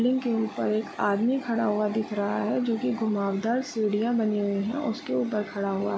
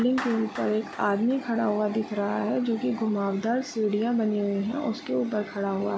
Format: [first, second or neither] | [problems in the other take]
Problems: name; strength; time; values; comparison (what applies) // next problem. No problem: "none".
first | background sound (Clapping); 20 dB below the speech